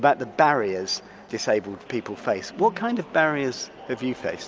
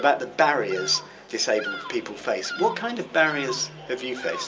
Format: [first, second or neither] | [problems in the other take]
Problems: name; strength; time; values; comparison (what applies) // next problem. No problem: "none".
first | background sound (Bird vocalization, bird call, bird song); 14 dB below the speech // room echo; dies away in 0.2 s